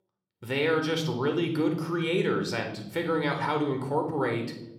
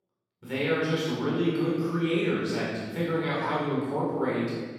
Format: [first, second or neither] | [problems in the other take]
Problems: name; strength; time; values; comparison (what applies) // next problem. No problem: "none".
first | room echo; strong; dies away in 1.5 s; slight in the first // off-mic speech; far